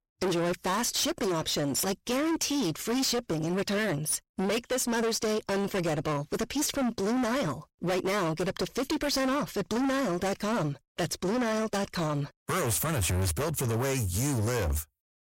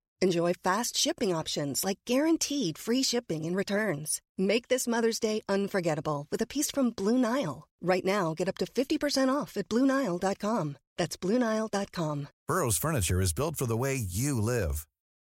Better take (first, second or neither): second